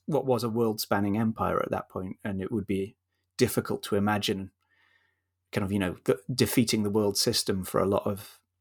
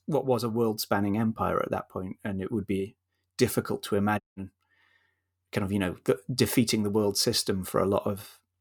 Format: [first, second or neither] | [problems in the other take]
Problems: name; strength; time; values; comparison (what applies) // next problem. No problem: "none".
first | audio cutting out; at 4 s